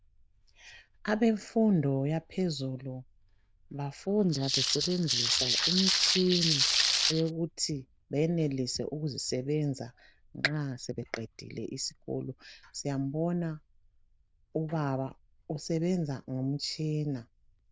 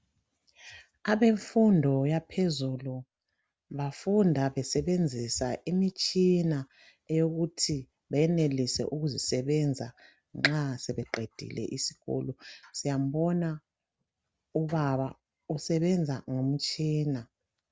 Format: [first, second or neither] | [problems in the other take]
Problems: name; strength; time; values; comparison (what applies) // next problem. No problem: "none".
second | noise reduction (neural diffusion model UNIVERSE++)